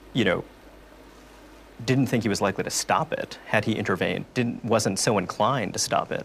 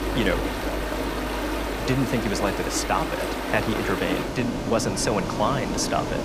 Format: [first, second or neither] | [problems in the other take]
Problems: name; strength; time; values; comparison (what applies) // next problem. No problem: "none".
first | rain or running water; loud; throughout; 2 dB below the speech; faint in the first